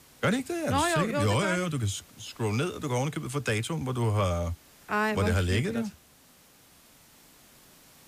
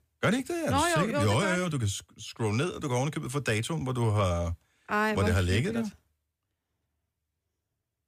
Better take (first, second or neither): second